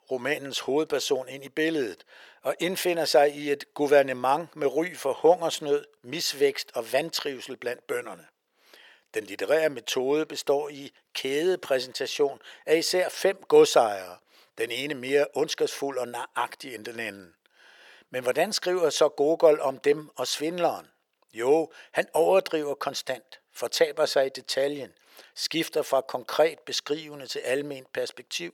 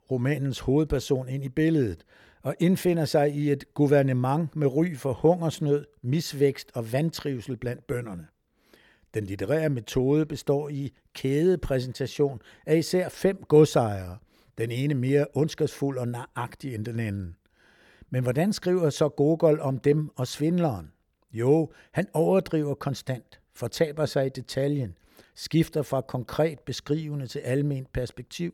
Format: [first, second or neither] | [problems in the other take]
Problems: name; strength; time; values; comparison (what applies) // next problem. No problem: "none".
second | thin; very; fading below 600 Hz